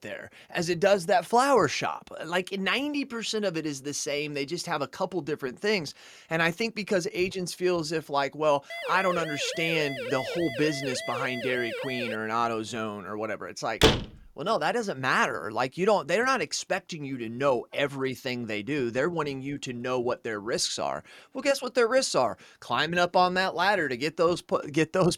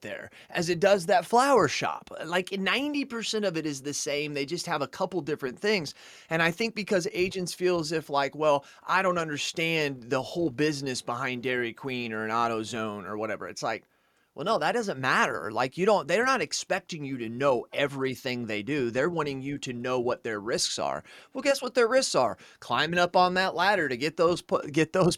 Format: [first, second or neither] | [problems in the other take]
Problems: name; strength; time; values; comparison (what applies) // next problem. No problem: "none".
second | siren; noticeable; from 8.5 to 12 s; peak 6 dB below the speech // door banging; loud; at 14 s; peak 5 dB above the speech